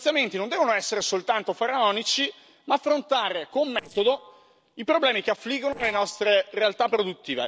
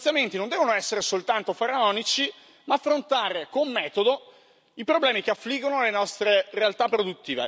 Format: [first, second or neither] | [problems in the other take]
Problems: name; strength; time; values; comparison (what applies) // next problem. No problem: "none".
second | noise reduction (neural separator model SepFormer DNS4)